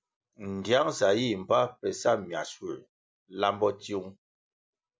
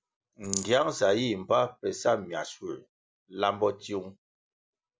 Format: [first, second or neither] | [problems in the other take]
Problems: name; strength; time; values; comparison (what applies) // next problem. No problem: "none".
first | background sound (Rattle); 8 dB below the speech